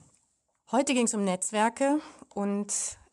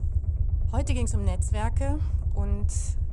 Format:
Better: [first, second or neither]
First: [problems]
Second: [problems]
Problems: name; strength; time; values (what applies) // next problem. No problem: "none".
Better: first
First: none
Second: low rumble; loud; throughout; 9 dB below the speech